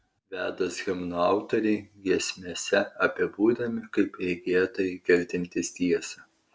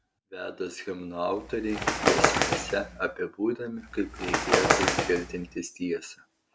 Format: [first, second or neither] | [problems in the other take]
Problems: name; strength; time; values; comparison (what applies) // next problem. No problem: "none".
first | background sound (Bird); 4 dB above the speech